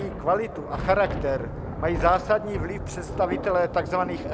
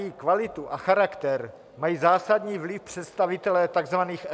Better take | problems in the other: second | background sound (Thunder); 6 dB below the speech

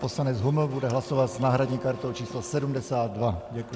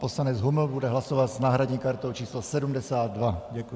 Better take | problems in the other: second | background sound (Mechanisms + Wind instrument, woodwind instrument); 17 dB below the speech

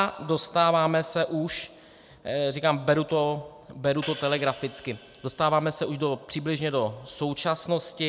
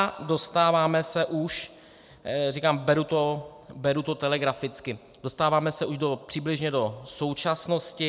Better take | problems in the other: second | background sound (Hi-hat); 19 dB below the speech

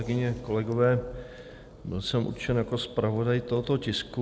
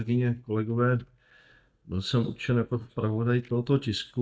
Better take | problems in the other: first | noise reduction (neural mask model DeepFilterNet 3)

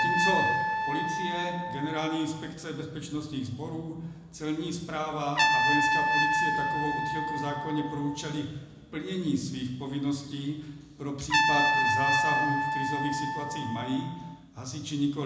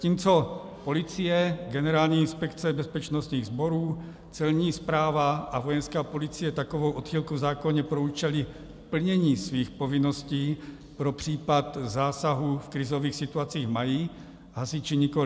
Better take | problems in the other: second | background sound (Trumpet); 3 dB above the speech // room echo; dies away in 0.8 s

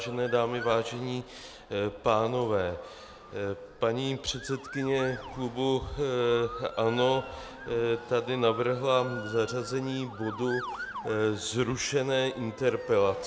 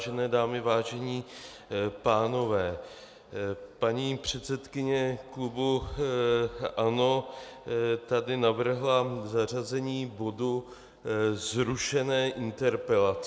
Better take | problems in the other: second | background sound (Motor vehicle (road) / Siren); 15 dB below the speech

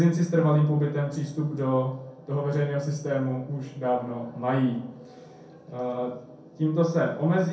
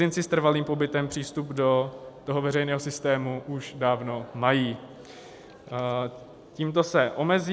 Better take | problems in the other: second | room echo; dies away in 0.5 s

